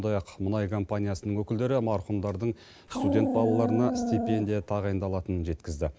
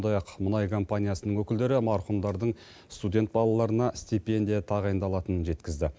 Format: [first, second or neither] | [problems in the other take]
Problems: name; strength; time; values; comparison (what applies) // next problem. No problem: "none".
second | background sound (Dog); as loud as the speech